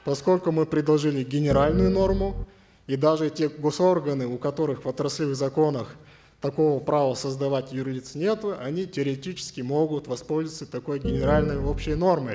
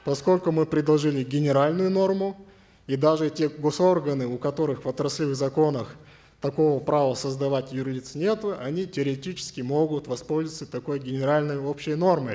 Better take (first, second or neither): second